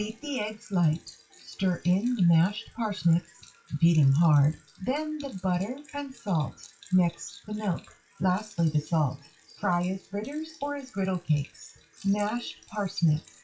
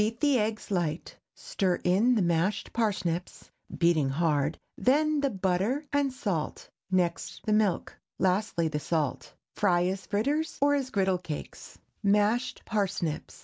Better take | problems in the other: second | noise reduction (classical method WPE with log-MMSE)

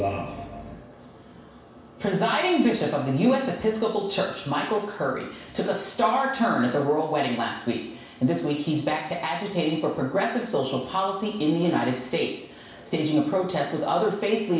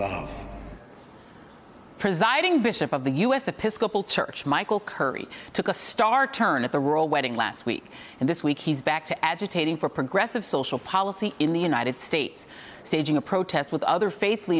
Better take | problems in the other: second | room echo; dies away in 0.7 s

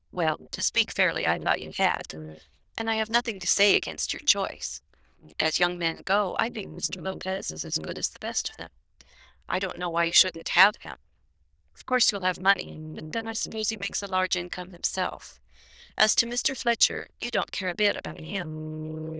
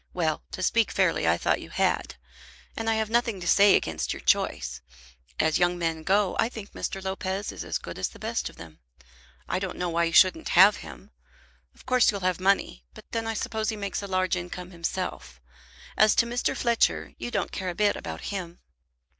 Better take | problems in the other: second | noise reduction (neural diffusion model UNIVERSE++)

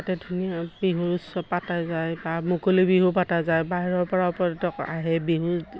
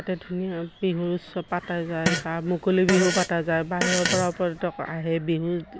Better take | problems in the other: first | background sound (Fart); 4 dB below the speech

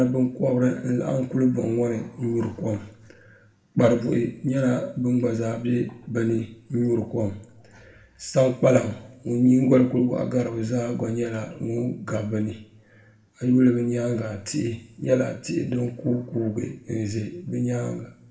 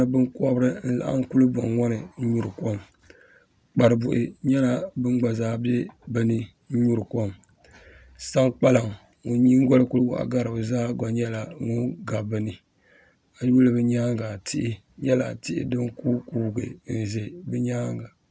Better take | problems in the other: second | room echo; dies away in 0.5 s

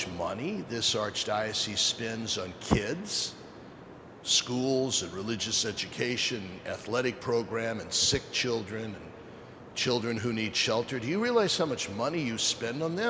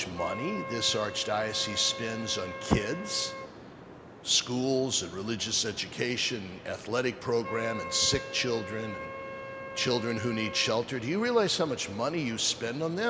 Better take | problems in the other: first | background sound (Wind instrument, woodwind instrument); 12 dB below the speech

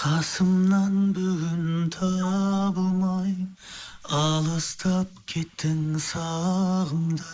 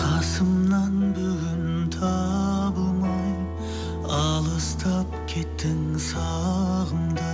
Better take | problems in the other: second | noise reduction (neural mask model Resemble Enhance denoiser)

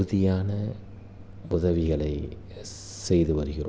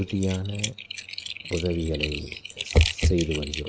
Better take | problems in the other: first | noise reduction (neural mask model RNNoise)

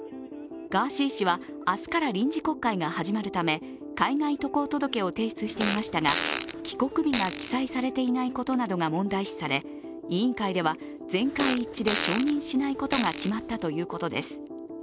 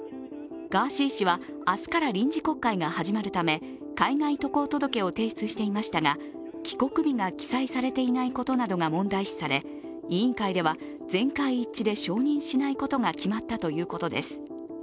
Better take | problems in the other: second | background sound (Fart); 7 dB below the speech

